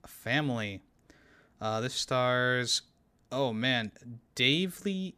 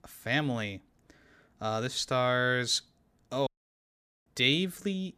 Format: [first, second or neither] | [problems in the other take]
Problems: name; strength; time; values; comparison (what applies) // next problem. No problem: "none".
first | audio cutting out; at 3.5 s for 1 s